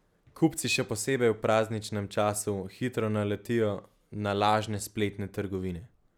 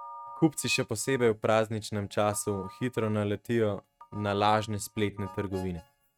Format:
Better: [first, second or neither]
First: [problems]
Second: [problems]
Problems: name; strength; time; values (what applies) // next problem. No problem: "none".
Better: first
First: none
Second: noise reduction (neural mask model RNNoise)